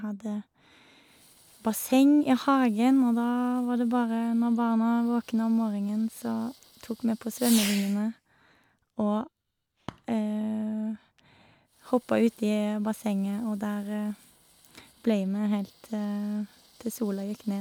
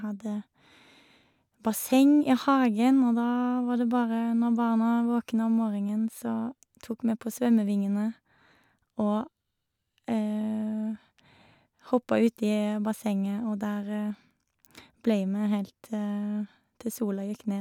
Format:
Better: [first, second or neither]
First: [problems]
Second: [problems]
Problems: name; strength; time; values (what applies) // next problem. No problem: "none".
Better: second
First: background sound (Fireworks); 18 dB below the speech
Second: none